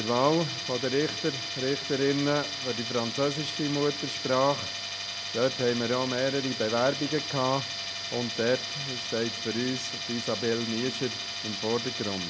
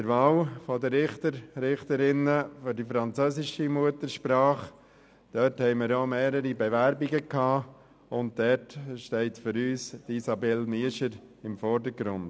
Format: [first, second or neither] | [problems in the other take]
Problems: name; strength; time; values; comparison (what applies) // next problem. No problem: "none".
second | background sound (Tools); 5 dB below the speech